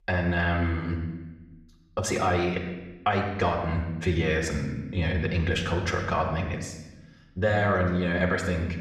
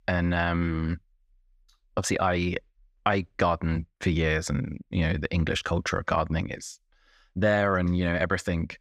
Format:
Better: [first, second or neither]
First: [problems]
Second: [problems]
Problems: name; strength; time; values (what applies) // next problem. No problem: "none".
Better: second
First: room echo; slight; dies away in 0.9 s // off-mic speech; somewhat distant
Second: none